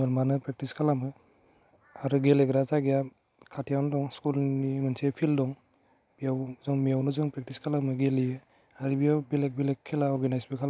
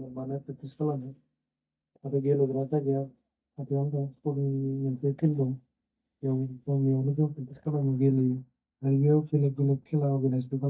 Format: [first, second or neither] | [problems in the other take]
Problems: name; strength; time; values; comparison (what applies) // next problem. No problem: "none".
first | noise reduction (neural mask model DeepFilterNet 3)